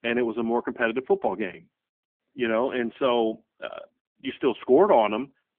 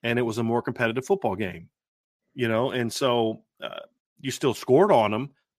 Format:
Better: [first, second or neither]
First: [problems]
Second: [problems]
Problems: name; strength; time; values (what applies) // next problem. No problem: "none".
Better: second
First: phone-call audio; nothing above 3.5 kHz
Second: none